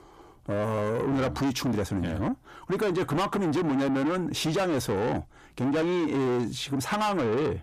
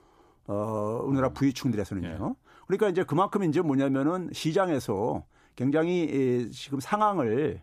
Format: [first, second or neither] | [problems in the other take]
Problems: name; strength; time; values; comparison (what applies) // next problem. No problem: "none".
second | distortion; heavy; 7 dB below the speech